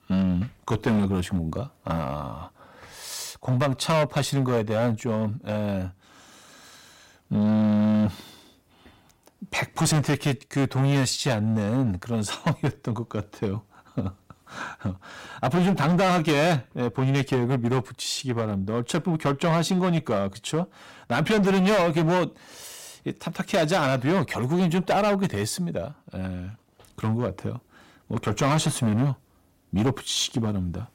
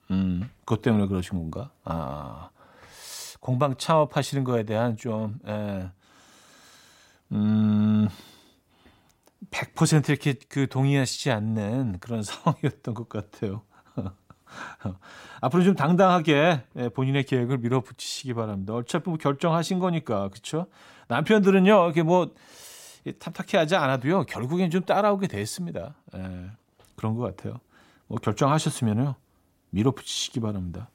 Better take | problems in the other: second | distortion; heavy; 11% of the sound clipped

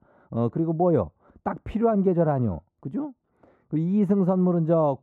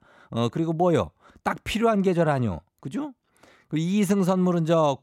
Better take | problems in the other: second | muffled; very; fading above 2 kHz

